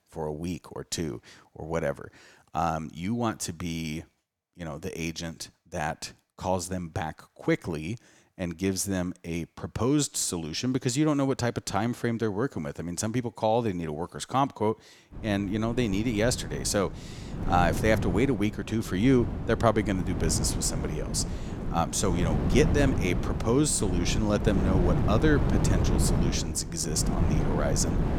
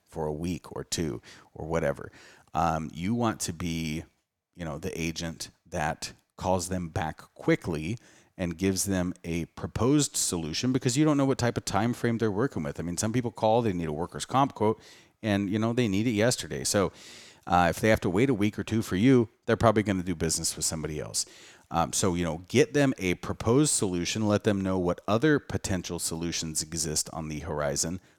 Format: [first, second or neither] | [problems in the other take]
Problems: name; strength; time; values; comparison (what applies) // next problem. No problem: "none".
second | wind noise on the microphone; heavy; from 15 s on; 7 dB below the speech